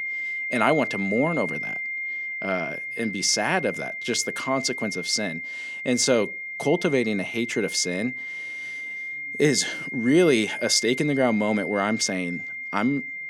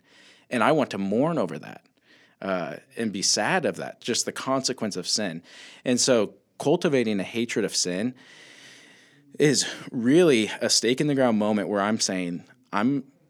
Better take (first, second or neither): second